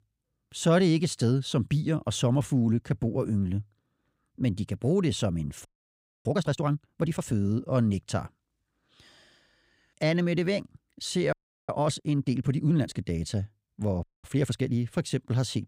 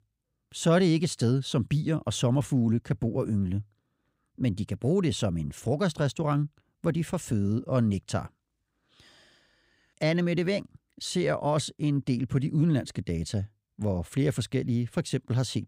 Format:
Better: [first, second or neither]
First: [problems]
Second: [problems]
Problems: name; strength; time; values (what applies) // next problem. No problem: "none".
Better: second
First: audio freezing; at 5.5 s for 0.5 s, at 11 s and at 14 s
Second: none